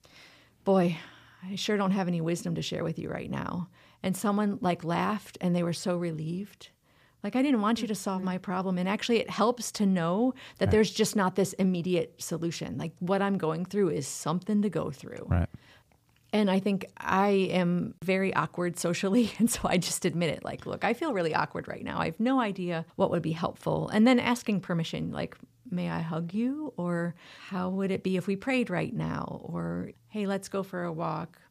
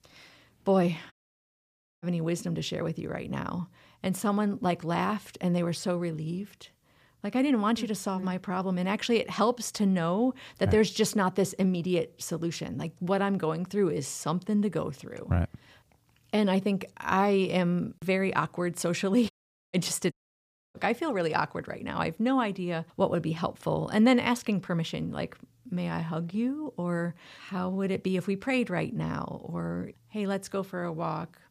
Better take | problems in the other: first | audio cutting out; at 1 s for 1 s, at 19 s and at 20 s for 0.5 s

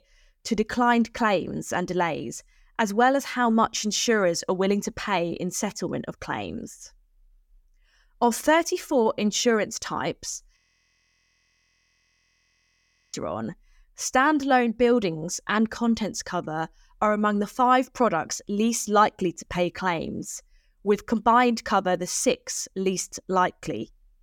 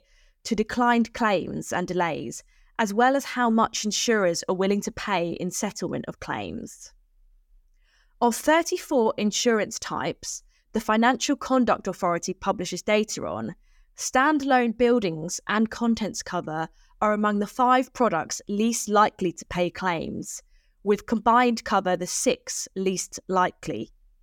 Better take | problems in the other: second | audio freezing; at 11 s for 2.5 s

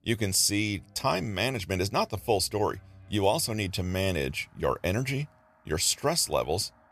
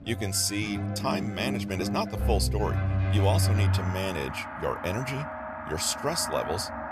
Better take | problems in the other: first | background music; loud; throughout; as loud as the speech; faint in the first

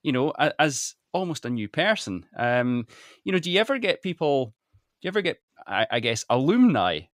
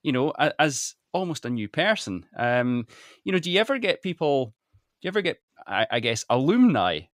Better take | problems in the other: neither | none

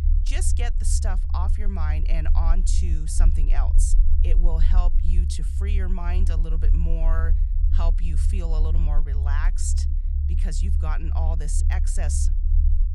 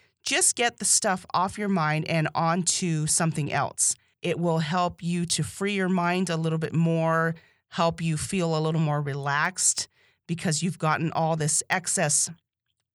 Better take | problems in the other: second | low rumble; loud; throughout; 7 dB below the speech

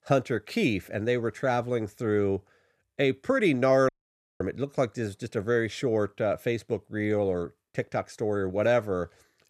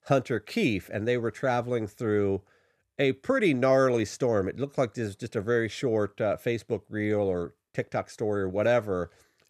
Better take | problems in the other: second | audio cutting out; at 4 s for 0.5 s

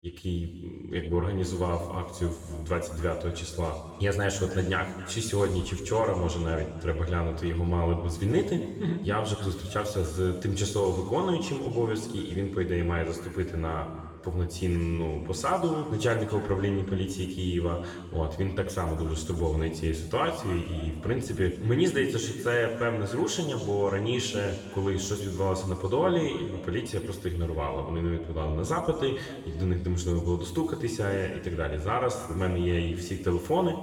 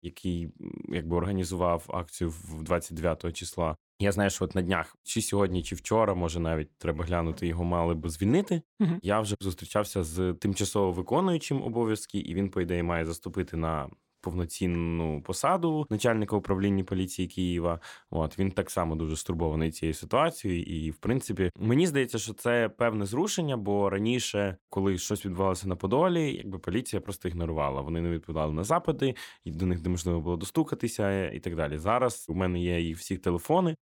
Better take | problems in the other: second | room echo; noticeable; dies away in 2 s // off-mic speech; somewhat distant

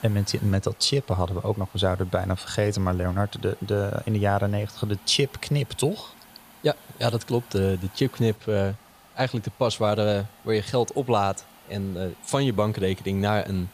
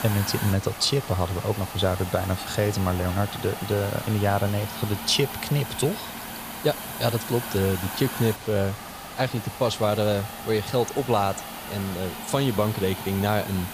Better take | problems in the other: first | hiss; loud; throughout; 8 dB below the speech; faint in the first

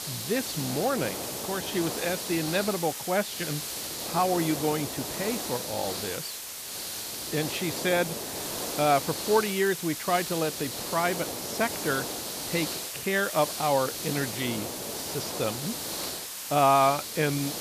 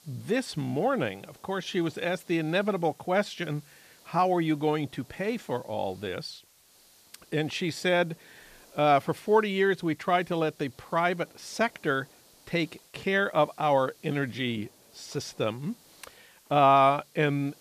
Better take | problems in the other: second | hiss; loud; throughout; 4 dB below the speech; faint in the second

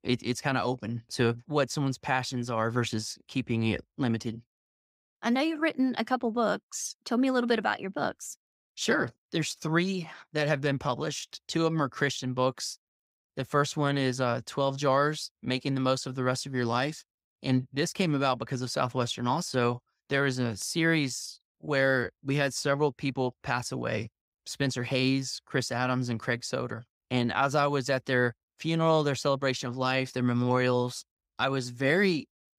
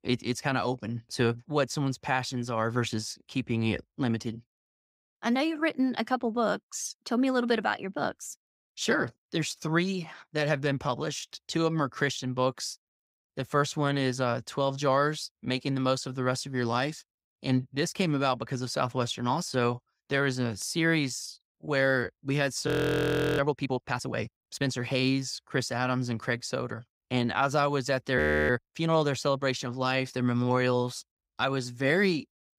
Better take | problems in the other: first | audio freezing; at 23 s for 0.5 s and at 28 s

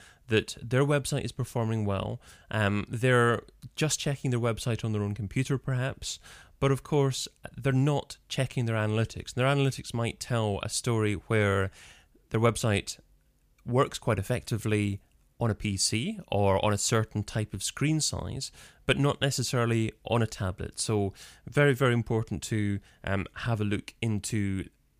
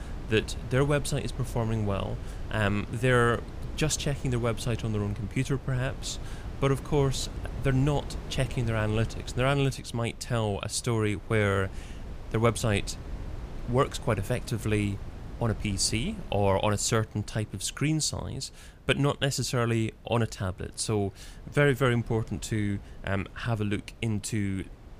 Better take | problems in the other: first | wind noise on the microphone; occasional gusts; 20 dB below the speech

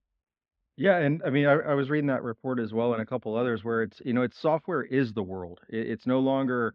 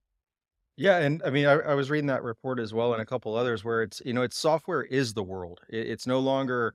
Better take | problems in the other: second | muffled; very; fading above 3 kHz

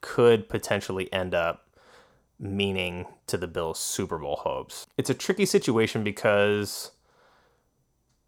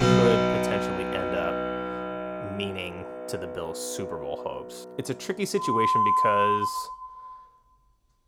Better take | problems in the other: first | background music; very loud; throughout; 5 dB above the speech

